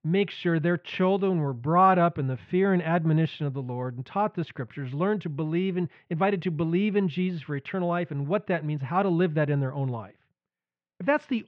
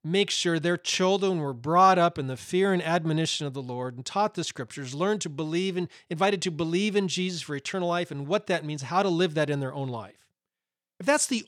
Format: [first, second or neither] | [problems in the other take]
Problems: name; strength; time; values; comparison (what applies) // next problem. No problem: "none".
second | muffled; very; fading above 2.5 kHz